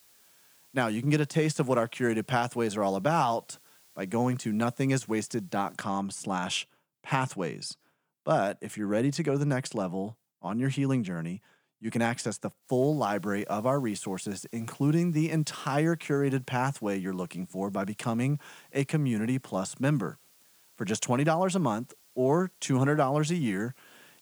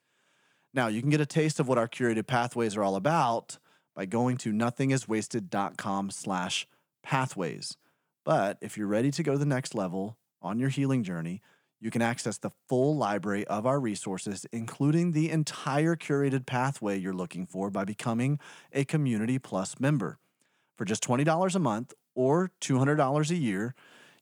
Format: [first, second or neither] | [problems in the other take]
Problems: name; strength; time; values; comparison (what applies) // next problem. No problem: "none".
second | hiss; faint; until 6 s and from 13 s on; 30 dB below the speech